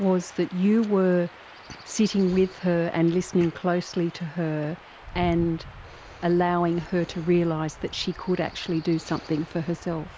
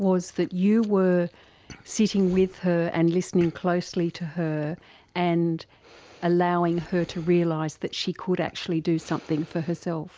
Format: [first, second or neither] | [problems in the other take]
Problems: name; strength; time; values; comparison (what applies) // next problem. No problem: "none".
second | background sound (Stream / Chirp, tweet / Wind); 18 dB below the speech